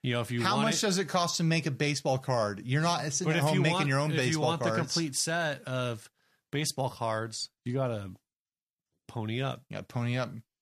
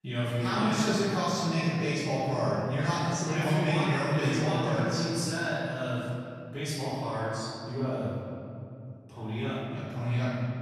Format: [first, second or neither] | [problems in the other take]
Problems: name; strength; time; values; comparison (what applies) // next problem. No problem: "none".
first | off-mic speech; far // room echo; strong; dies away in 2.7 s